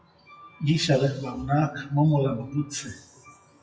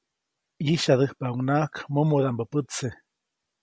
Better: second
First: noise reduction (classical method WPE with log-MMSE)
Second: none

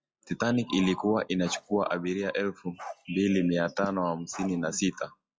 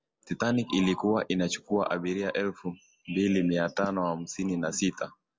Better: second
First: noise reduction (classical method log-MMSE)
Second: none

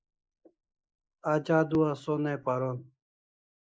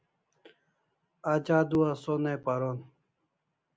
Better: second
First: noise reduction (neural mask model Resemble Enhance denoiser)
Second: none

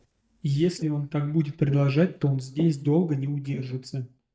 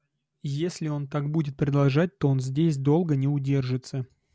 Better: second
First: noise reduction (neural mask model DeepFilterNet 3)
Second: none

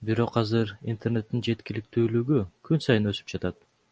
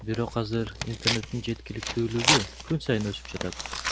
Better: first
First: none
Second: background sound (Tearing); 1 dB below the speech

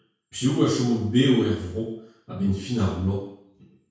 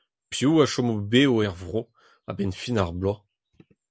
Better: second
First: room echo; dies away in 0.6 s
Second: none

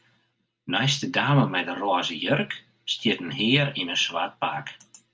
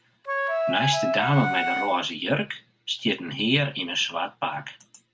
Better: first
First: none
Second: background sound (Wind instrument, woodwind instrument); 1 dB above the speech

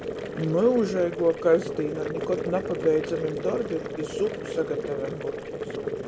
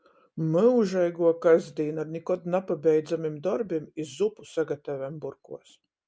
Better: second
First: background sound (Boiling); 5 dB below the speech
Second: none

